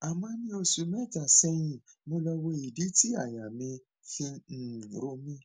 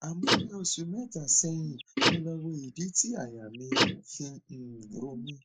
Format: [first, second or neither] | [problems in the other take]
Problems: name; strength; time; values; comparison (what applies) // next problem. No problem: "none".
first | noise reduction (neural mask model Resemble Enhance denoiser)